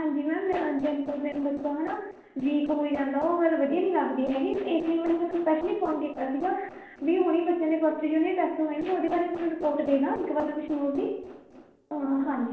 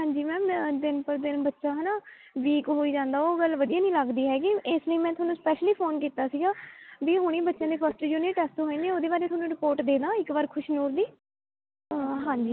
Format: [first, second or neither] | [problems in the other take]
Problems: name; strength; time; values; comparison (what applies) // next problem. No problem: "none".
second | noise reduction (neural separator model SepFormer DNS4)